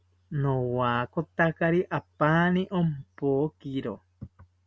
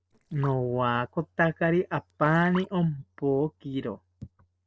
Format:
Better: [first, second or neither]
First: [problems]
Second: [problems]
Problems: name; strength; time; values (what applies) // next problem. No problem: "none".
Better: first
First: none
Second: noise reduction (neural separator model SepFormer DNS4)